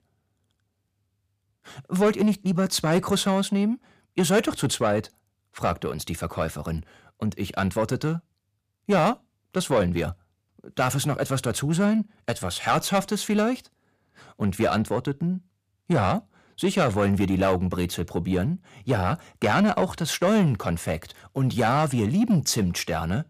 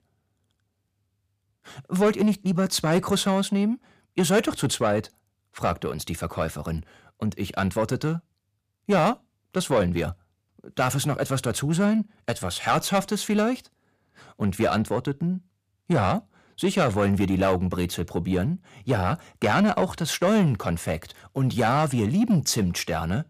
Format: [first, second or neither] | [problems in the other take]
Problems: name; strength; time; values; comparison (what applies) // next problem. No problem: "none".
neither | distortion; slight; 10 dB below the speech; the same in both